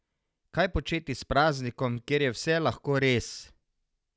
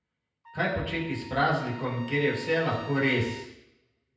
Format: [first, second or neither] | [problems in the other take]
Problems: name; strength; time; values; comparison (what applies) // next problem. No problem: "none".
first | background sound (Trumpet); 17 dB below the speech // room echo; dies away in 0.9 s